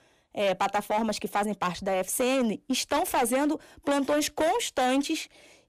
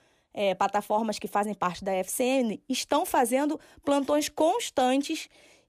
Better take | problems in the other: second | distortion; slight; 11% of the sound clipped

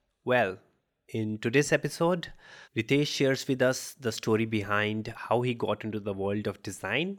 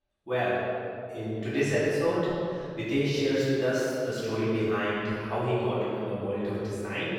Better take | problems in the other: first | off-mic speech; far // room echo; strong; dies away in 2.3 s

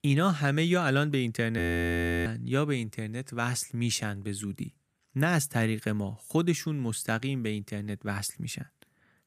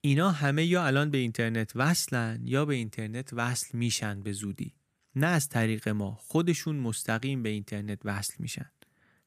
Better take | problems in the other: second | audio freezing; at 1.5 s for 0.5 s

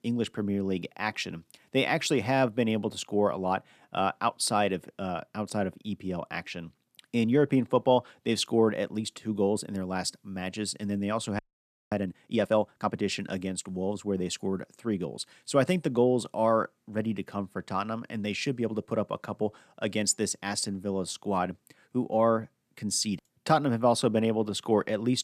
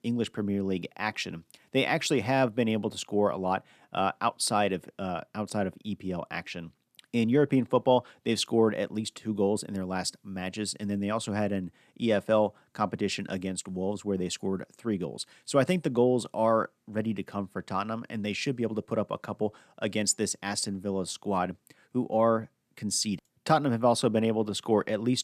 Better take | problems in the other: second | audio freezing; at 11 s for 0.5 s

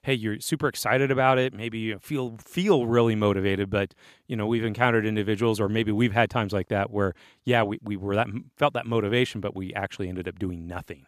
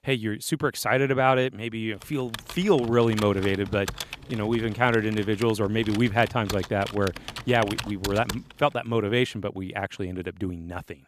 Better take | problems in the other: first | keyboard typing; noticeable; from 2 to 8.5 s; peak 7 dB below the speech

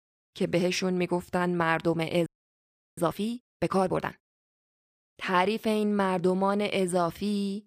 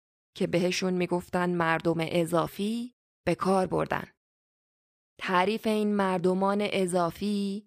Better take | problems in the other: second | audio freezing; at 2.5 s for 0.5 s

